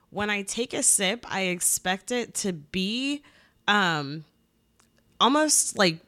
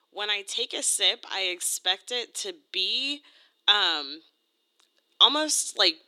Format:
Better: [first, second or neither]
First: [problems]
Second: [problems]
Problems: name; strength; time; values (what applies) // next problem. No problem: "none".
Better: first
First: none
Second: thin; somewhat; fading below 300 Hz